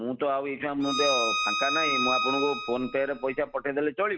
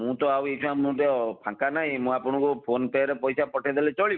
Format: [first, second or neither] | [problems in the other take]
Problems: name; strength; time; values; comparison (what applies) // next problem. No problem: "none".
second | background sound (Bowed string instrument); 1 dB below the speech